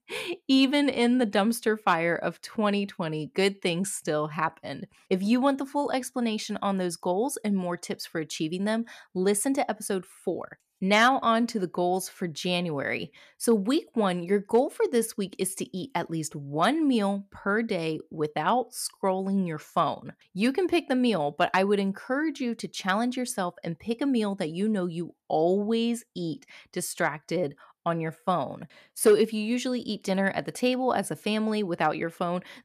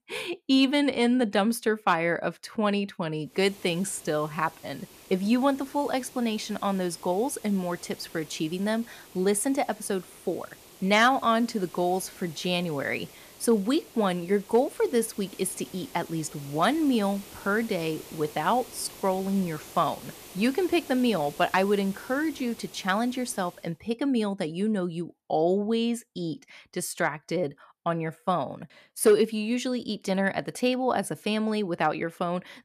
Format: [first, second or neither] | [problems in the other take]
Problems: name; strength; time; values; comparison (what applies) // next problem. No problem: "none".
first | hiss; noticeable; from 3.5 to 24 s; 20 dB below the speech